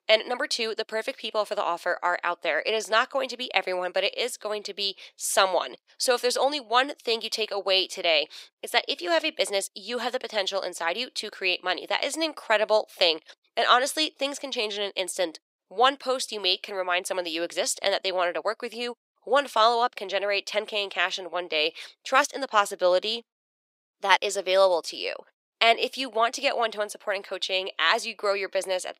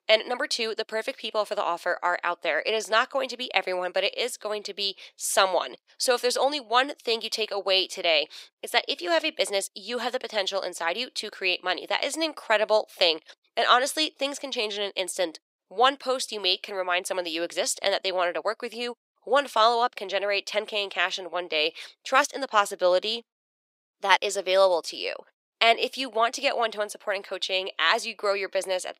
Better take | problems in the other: neither | thin; very; fading below 450 Hz; the same in both

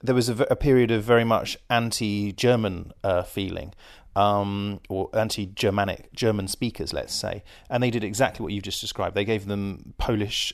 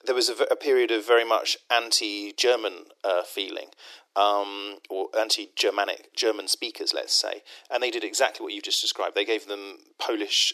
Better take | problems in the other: first | thin; very; fading below 300 Hz

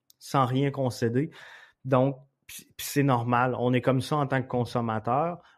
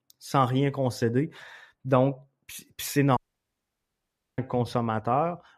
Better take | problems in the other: first | audio cutting out; at 3 s for 1 s

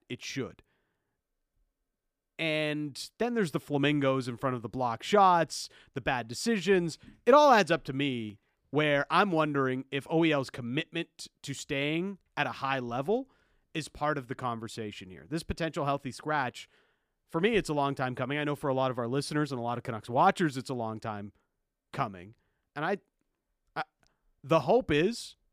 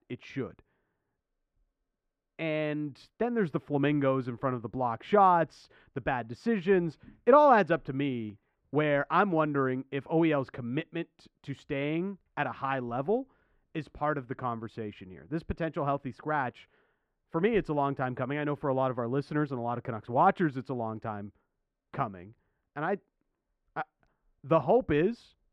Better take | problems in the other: first | muffled; very; fading above 4 kHz

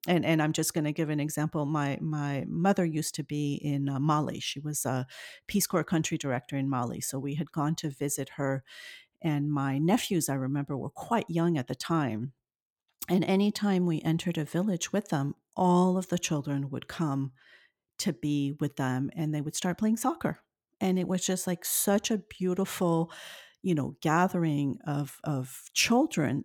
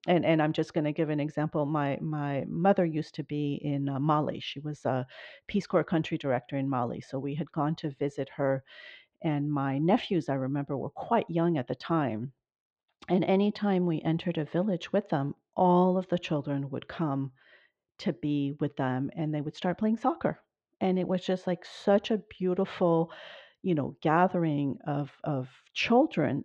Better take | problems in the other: first | muffled; very; fading above 4 kHz

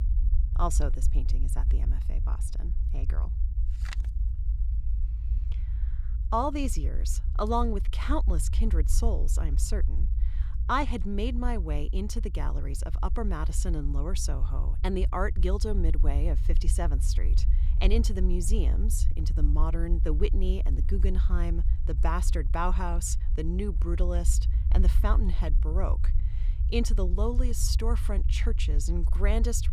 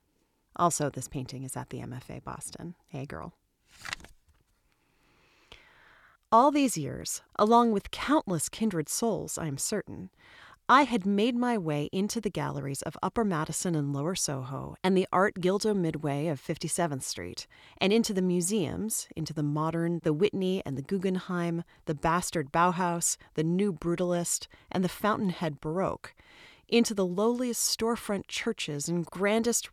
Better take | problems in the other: second | low rumble; noticeable; throughout; 15 dB below the speech

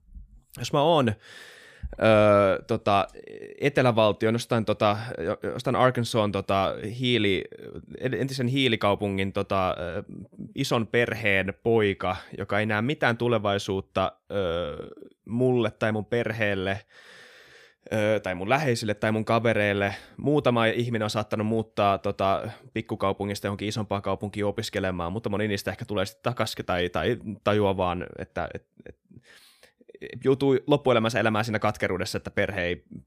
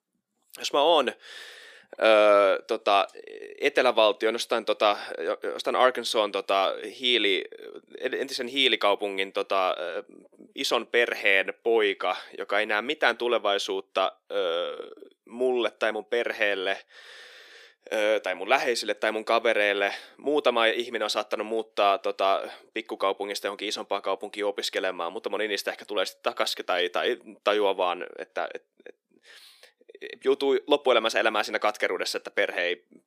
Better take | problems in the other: first | thin; somewhat; fading below 350 Hz

